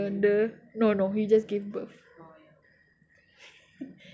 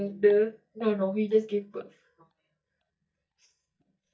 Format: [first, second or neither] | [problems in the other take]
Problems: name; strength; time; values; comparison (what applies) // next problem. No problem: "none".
first | noise reduction (neural mask model DeepFilterNet 3)